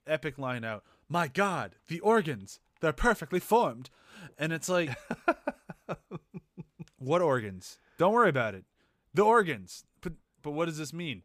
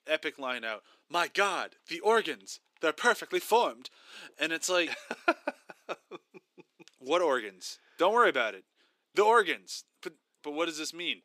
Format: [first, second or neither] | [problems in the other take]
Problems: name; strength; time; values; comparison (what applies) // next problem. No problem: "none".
first | thin; somewhat; fading below 300 Hz